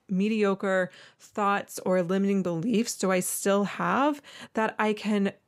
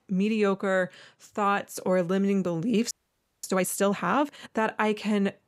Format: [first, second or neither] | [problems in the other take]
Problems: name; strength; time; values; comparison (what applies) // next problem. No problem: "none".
first | audio freezing; at 3 s for 0.5 s